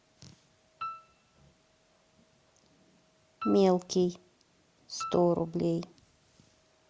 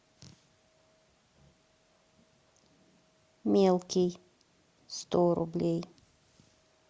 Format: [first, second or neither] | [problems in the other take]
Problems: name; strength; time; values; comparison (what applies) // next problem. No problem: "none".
second | background sound (Piano); 13 dB below the speech